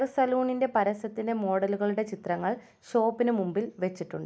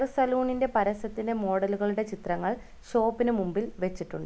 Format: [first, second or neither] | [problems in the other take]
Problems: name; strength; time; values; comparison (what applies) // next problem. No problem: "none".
first | background sound (Wind); 17 dB below the speech